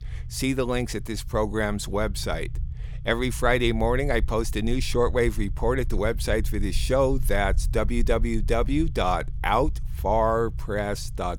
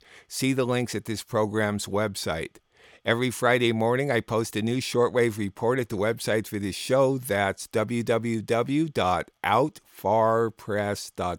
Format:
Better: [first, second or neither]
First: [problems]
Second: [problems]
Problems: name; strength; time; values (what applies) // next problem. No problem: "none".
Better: second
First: low rumble; faint; throughout; 25 dB below the speech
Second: none